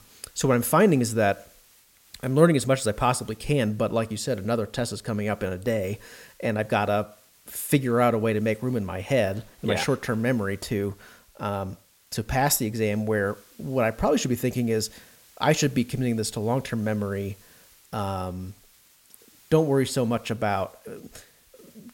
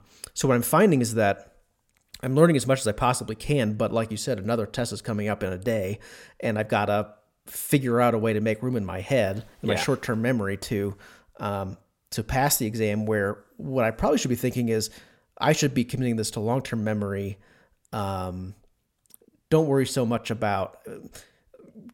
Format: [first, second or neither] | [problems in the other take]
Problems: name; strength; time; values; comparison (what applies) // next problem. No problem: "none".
second | hiss; faint; throughout; 30 dB below the speech